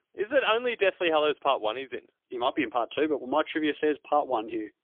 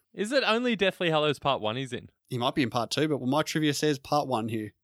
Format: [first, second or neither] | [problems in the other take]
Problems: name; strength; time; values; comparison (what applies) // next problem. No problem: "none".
second | phone-call audio; poor line; nothing above 3.5 kHz